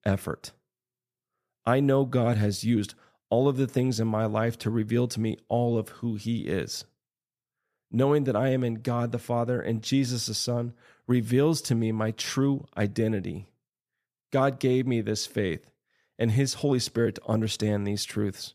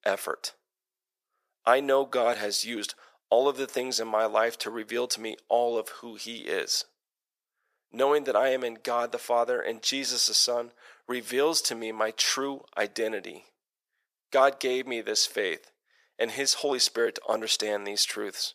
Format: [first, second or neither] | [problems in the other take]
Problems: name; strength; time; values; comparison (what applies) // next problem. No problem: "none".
first | thin; very; fading below 500 Hz